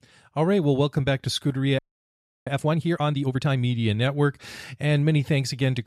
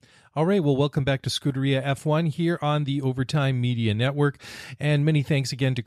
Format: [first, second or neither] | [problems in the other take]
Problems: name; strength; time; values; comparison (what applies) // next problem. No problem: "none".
second | audio freezing; at 2 s for 0.5 s